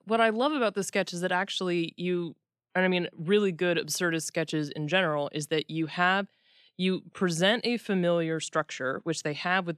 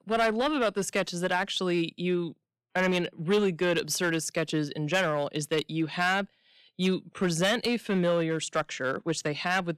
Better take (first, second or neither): first